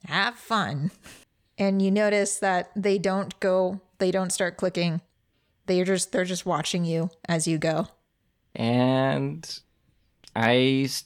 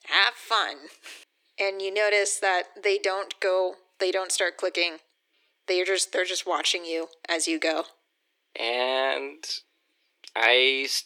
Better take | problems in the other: first | thin; very; fading below 300 Hz

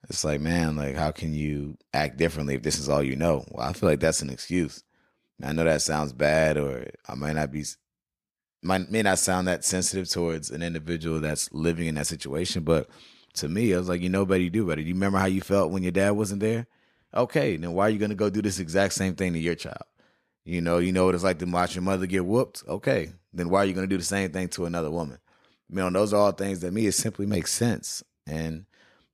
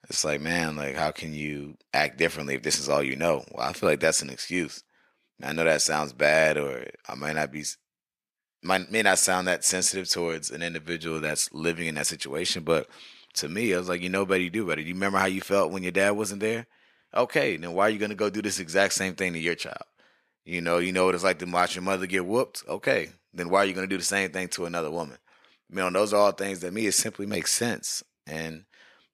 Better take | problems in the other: first | thin; very slightly; fading below 500 Hz

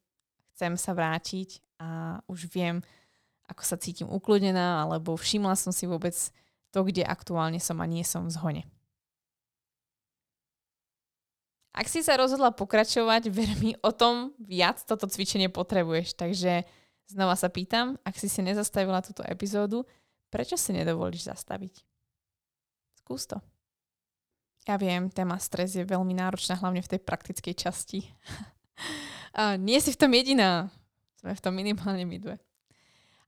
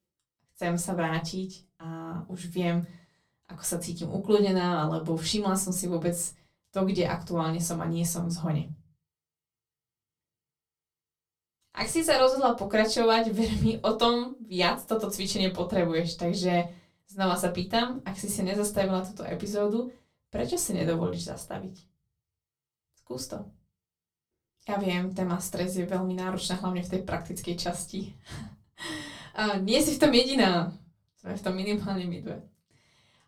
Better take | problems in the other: first | off-mic speech; far // room echo; very slight; dies away in 0.2 s

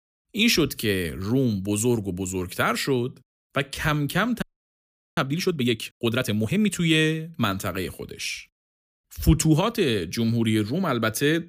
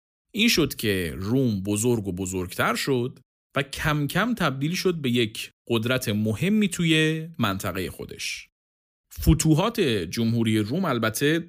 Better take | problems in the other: second | audio freezing; at 4.5 s for 1 s

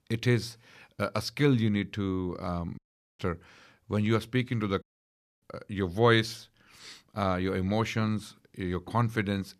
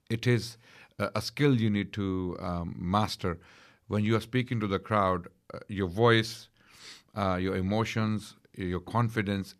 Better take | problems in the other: second | audio cutting out; at 3 s and at 5 s for 0.5 s

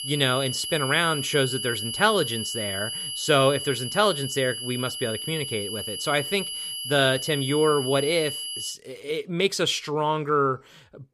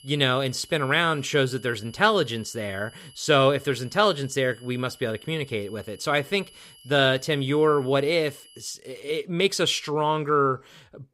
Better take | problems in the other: second | high-pitched whine; loud; until 8.5 s; 3 kHz, 5 dB below the speech; faint in the second

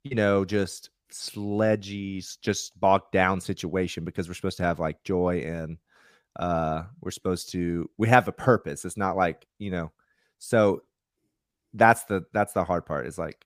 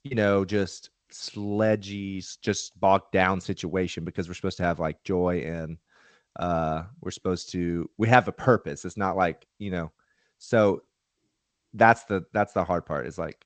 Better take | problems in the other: first | garbled, watery; slightly

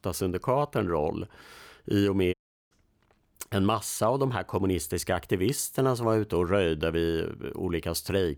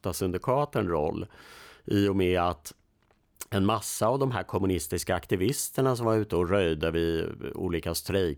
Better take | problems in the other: second | audio cutting out; at 2.5 s

